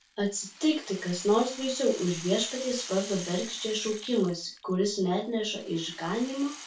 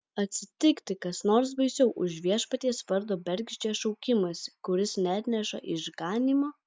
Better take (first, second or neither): second